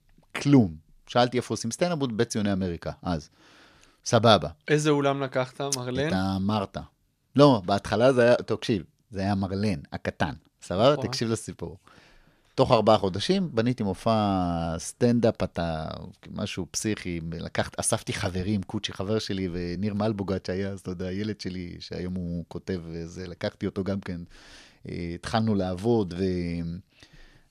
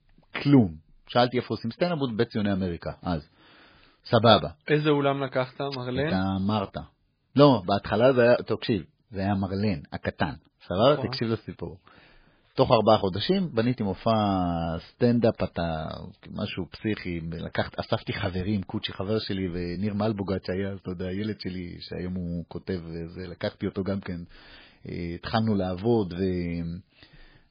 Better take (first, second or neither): first